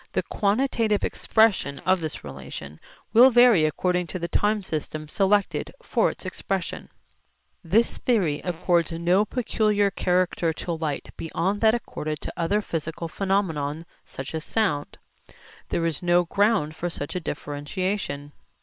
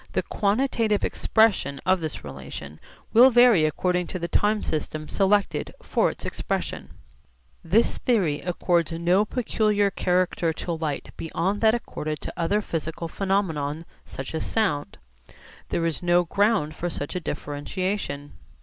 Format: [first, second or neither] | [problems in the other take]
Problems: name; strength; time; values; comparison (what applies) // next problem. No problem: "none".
second | noise reduction (neural separator model SepFormer WHAM!)